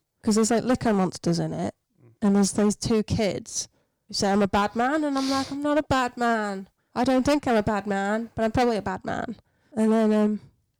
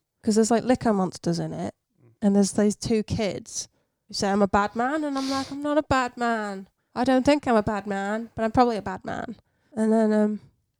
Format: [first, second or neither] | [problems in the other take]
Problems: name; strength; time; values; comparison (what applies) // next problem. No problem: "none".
second | distortion; slight; 8% of the sound clipped